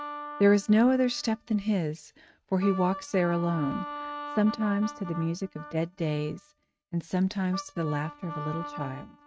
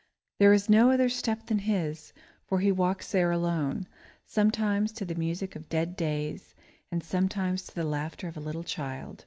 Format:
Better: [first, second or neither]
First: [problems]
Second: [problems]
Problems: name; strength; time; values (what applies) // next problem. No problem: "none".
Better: second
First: noise reduction (neural mask model RNNoise)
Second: none